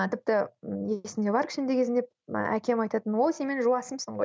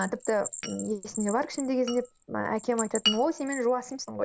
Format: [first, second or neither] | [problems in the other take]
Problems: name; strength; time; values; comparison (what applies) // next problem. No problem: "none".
first | background sound (Glass + Bell); 8 dB below the speech